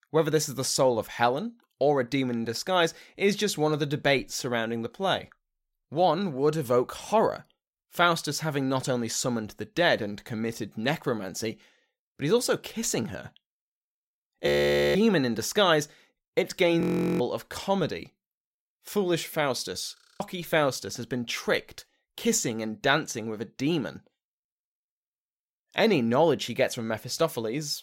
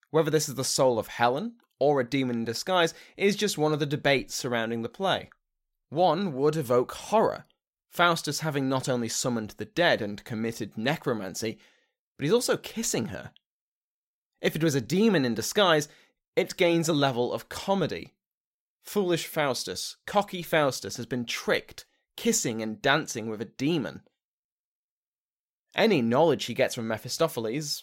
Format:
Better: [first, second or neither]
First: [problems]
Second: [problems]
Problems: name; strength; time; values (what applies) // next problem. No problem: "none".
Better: second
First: audio freezing; at 14 s, at 17 s and at 20 s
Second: none